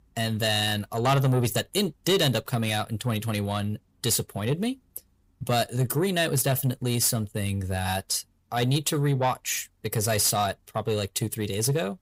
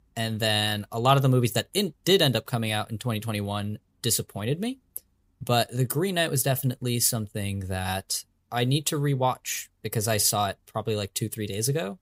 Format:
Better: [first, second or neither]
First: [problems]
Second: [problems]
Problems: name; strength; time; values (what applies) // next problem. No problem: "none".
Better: second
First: distortion; slight; 10 dB below the speech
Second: none